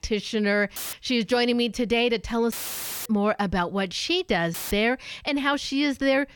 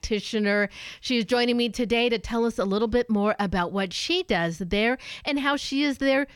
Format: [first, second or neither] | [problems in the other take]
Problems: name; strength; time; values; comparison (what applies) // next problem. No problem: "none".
second | audio cutting out; filled with static; at 1 s, at 2.5 s for 0.5 s and at 4.5 s